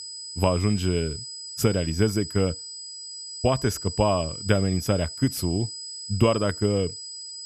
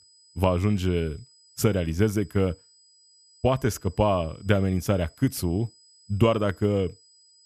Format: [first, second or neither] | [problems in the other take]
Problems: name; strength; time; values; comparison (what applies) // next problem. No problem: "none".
second | high-pitched whine; loud; throughout; 5 kHz, 9 dB below the speech; faint in the second